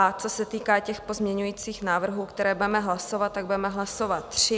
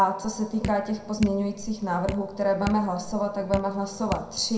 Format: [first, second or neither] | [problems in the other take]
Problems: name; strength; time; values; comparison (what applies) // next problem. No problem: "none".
first | background sound (Drip); 10 dB below the speech // room echo; dies away in 0.5 s